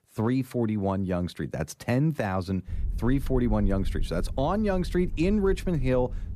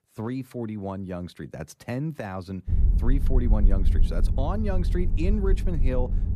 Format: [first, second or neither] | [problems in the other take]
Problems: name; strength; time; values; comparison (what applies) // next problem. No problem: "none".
first | low rumble; loud; from 2.5 s on; 9 dB below the speech; faint in the first